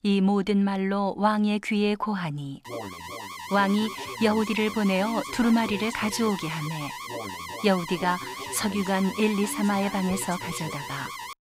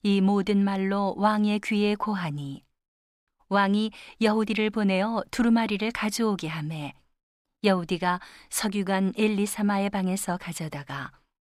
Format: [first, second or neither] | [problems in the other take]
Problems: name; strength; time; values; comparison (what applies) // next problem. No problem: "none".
second | alarm; noticeable; from 2.5 s on; peak 8 dB below the speech